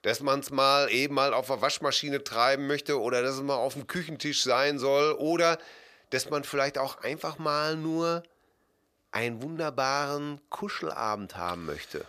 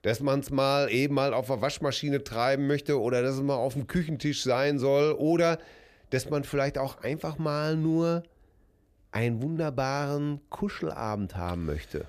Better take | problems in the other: second | thin; somewhat; fading below 650 Hz

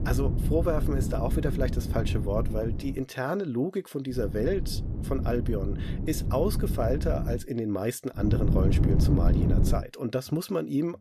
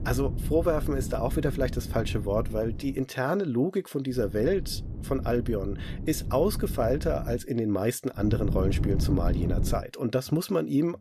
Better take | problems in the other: second | wind noise on the microphone; heavy; until 3 s, from 4 to 7.5 s and from 8 to 10 s; 7 dB below the speech; occasional gusts in the second

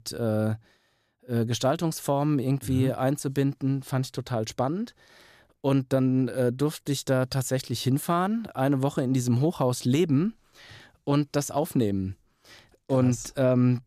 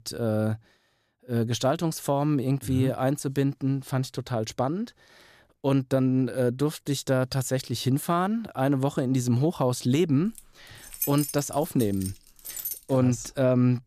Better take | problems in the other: first | jangling keys; noticeable; from 10 to 13 s; peak 4 dB below the speech

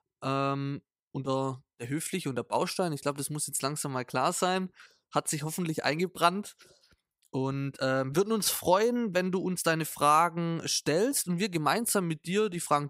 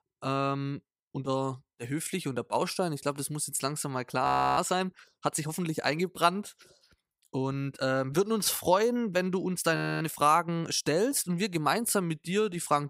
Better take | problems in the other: first | audio freezing; at 4.5 s and at 10 s

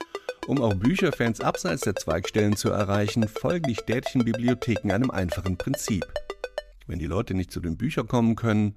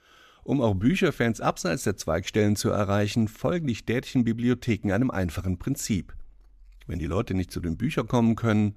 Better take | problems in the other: second | phone ringing; noticeable; until 6.5 s; peak 7 dB below the speech

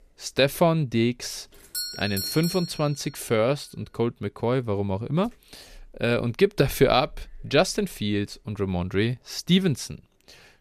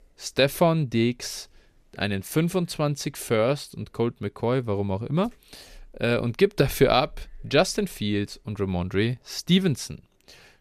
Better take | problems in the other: second | doorbell; noticeable; from 1.5 to 3 s; peak 4 dB below the speech

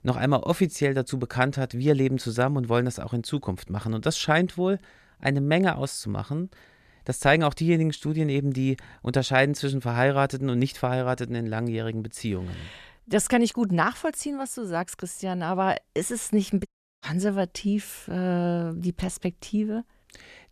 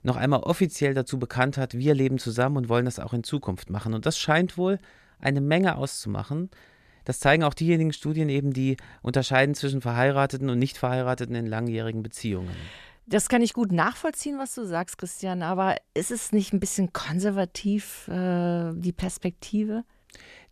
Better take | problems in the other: second | audio cutting out; at 17 s

